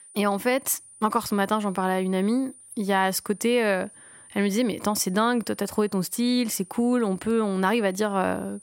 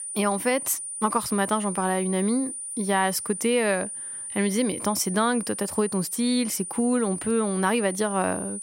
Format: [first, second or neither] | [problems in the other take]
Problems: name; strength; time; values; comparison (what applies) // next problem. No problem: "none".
first | high-pitched whine; loud; throughout; 9.5 kHz, 7 dB below the speech; faint in the first